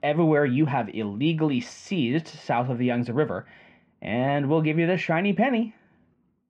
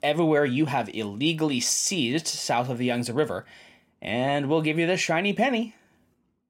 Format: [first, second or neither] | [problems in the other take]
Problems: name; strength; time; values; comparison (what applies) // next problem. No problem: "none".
second | muffled; very; fading above 2 kHz